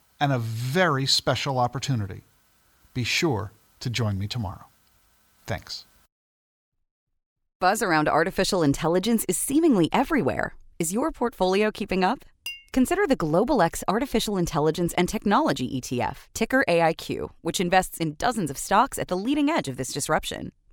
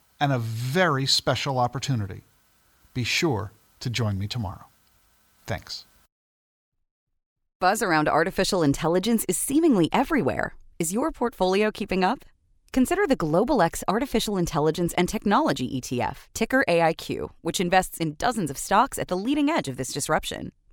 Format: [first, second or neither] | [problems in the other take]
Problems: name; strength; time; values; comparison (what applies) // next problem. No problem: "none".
second | clattering dishes; faint; at 12 s; peak 10 dB below the speech